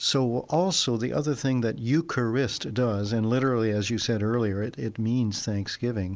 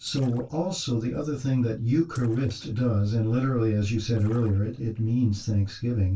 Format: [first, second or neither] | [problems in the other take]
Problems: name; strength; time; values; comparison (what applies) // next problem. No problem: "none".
first | noise reduction (neural separator model SepFormer DNS4)